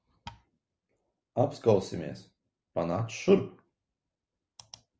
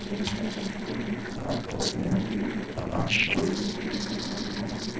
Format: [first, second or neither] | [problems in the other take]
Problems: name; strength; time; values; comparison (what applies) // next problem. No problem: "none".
first | noise reduction (neural separator model SepFormer DNS4)